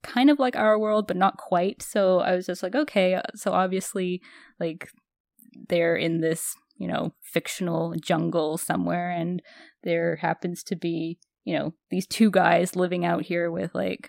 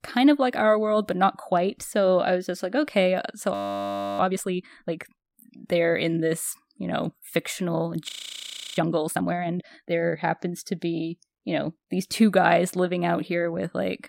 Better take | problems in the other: first | audio freezing; at 3.5 s for 0.5 s and at 8 s for 0.5 s

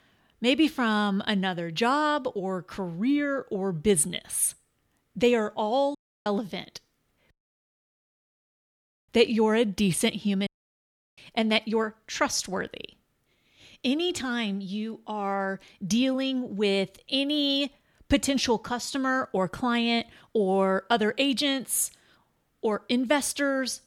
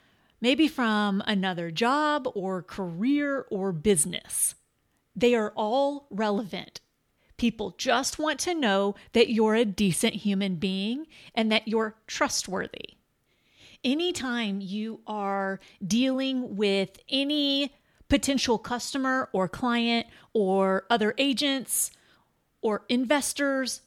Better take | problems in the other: second | audio cutting out; at 6 s, at 7.5 s for 2 s and at 10 s for 0.5 s

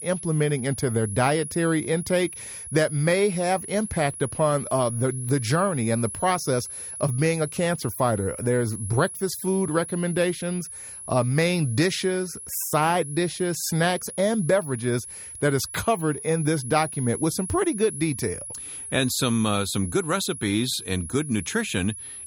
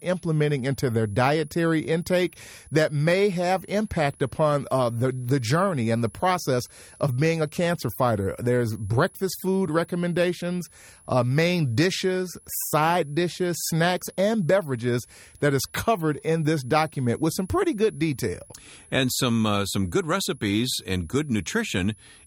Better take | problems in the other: second | high-pitched whine; loud; throughout; 10.5 kHz, 10 dB below the speech; faint in the second

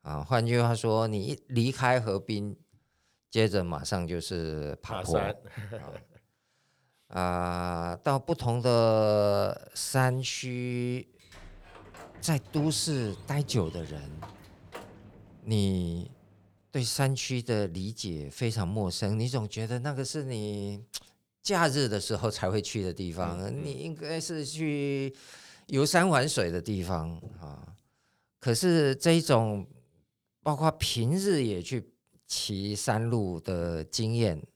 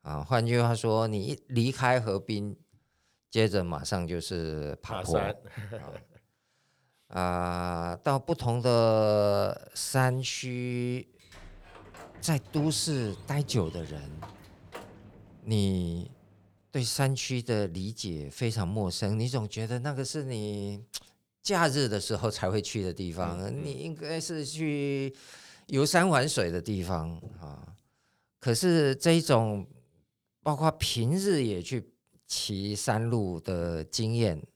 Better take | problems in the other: neither | door banging; faint; from 11 to 16 s; peak 15 dB below the speech; the same in both

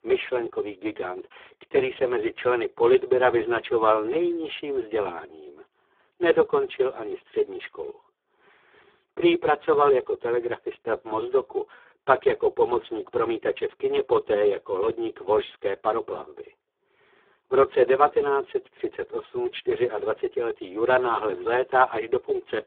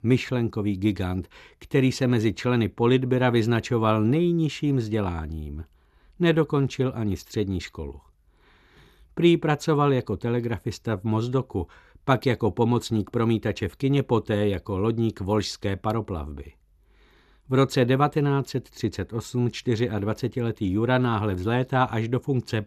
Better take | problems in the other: second | phone-call audio; poor line

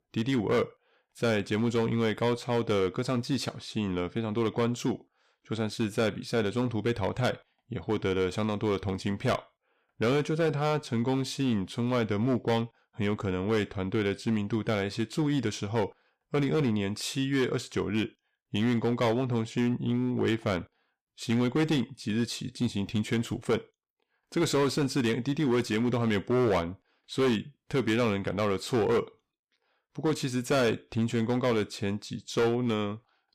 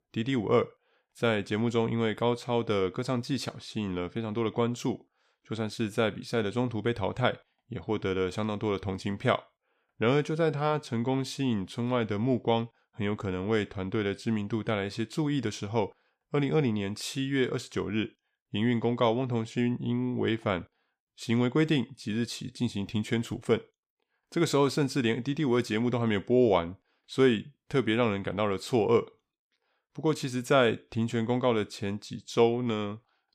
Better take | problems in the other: second | distortion; slight; 7% of the sound clipped

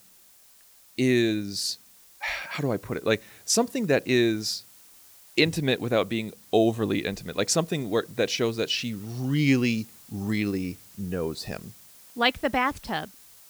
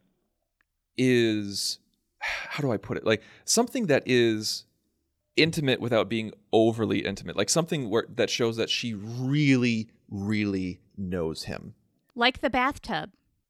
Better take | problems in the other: second | hiss; faint; throughout; 25 dB below the speech

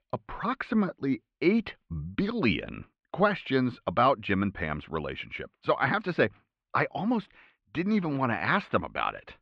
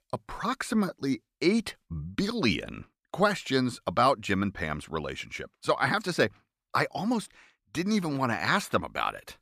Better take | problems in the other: second | muffled; slightly; fading above 3 kHz

